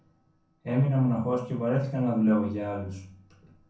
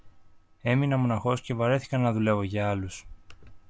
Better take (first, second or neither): second